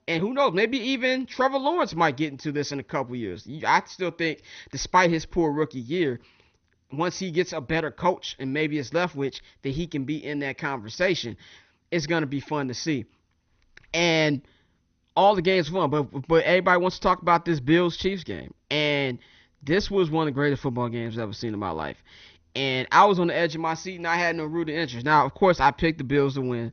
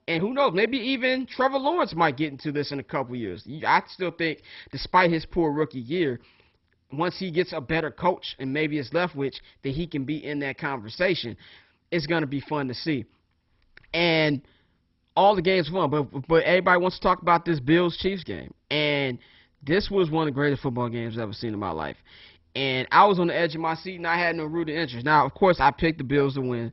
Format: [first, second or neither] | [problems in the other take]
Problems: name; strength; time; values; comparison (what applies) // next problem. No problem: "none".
first | garbled, watery; badly; nothing above 5.5 kHz; slightly in the first